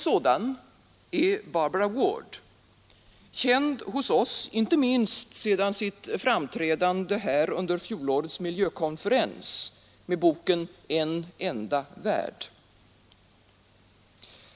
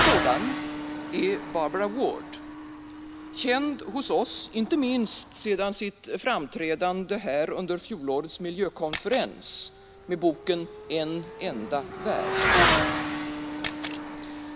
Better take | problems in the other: first | background sound (Motorcycle / Accelerating, revving, vroom + Camera); 2 dB below the speech

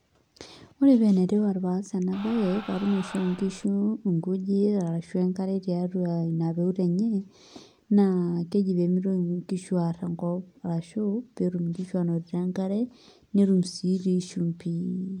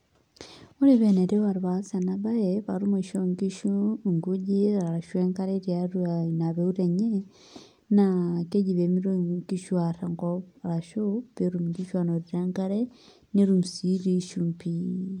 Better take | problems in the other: second | background sound (Crowd); 16 dB below the speech

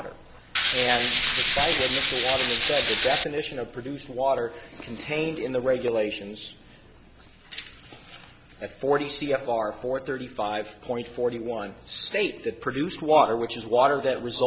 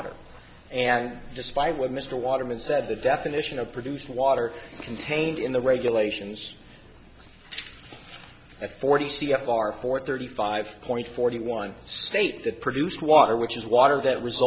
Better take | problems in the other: second | background sound (Tools); 2 dB above the speech

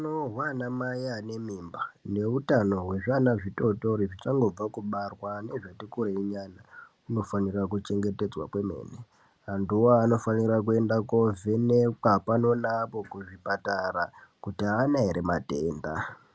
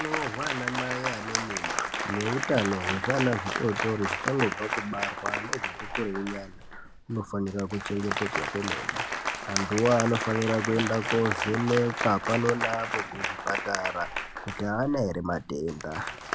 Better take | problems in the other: first | background sound (Applause); 3 dB below the speech

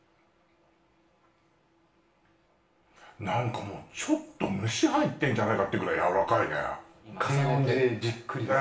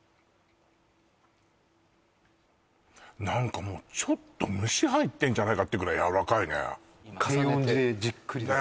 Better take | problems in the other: second | room echo; dies away in 0.5 s

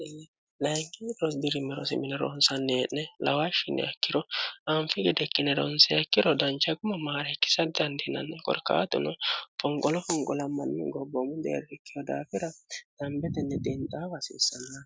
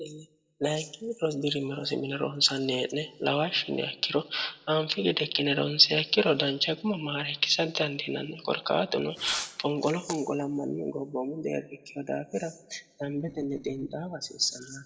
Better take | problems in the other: first | noise reduction (neural separator model SepFormer DNS4)

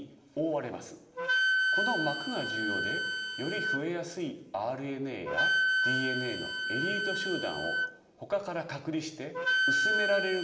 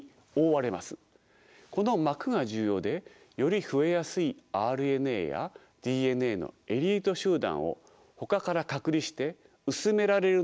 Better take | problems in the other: second | background sound (Wind instrument, woodwind instrument); 3 dB above the speech // room echo; dies away in 1.9 s

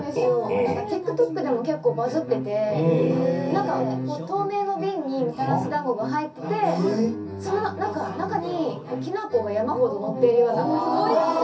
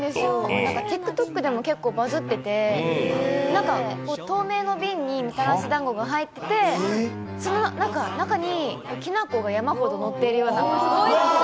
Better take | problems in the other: second | room echo; dies away in 0.3 s

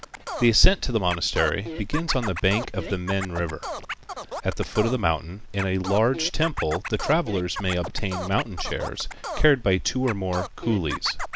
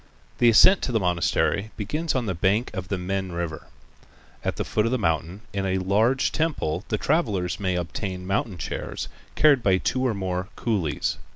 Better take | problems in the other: second | background sound (Scratching (performance technique)); 11 dB below the speech

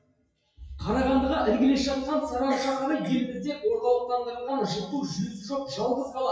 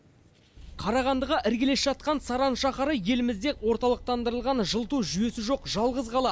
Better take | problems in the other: second | noise reduction (classical method WPE with log-MMSE)

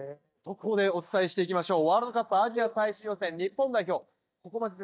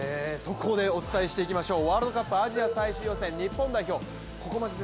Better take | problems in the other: second | noise reduction (neural mask model DeepFilterNet 3)

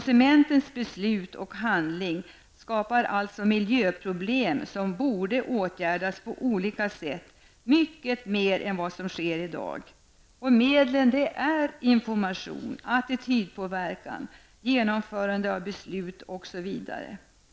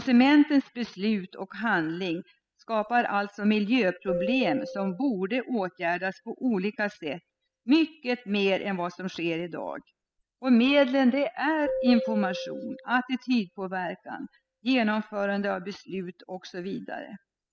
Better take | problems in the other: first | noise reduction (classical method spectral subtraction)

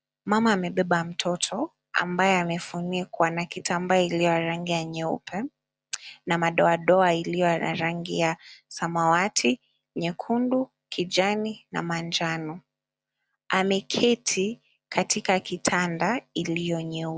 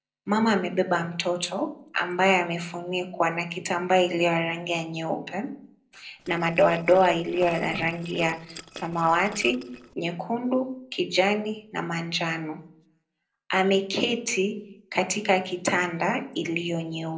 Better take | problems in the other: first | noise reduction (neural separator model SepFormer DNS4)

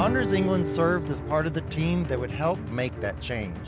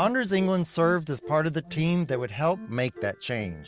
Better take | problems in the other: second | background sound (Drum + Guitar); 4 dB below the speech

